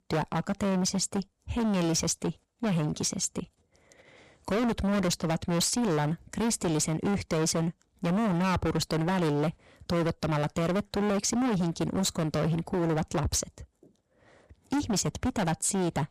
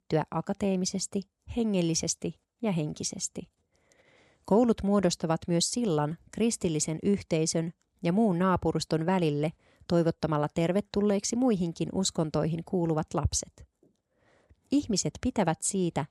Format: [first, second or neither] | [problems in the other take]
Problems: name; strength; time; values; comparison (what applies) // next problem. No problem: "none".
second | distortion; heavy; 26% of the sound clipped